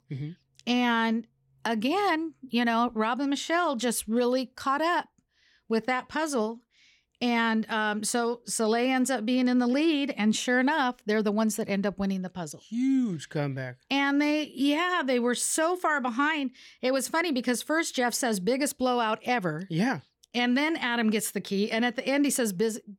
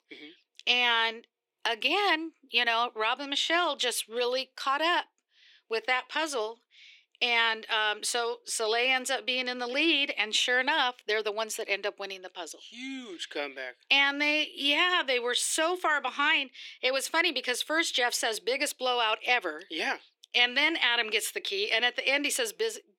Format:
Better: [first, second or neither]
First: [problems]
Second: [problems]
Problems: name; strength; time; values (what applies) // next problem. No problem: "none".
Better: first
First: none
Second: thin; very; fading below 350 Hz